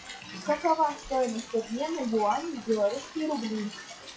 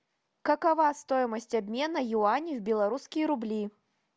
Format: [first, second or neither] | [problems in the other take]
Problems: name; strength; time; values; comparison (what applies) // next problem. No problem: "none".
second | noise reduction (classical method WPE with log-MMSE)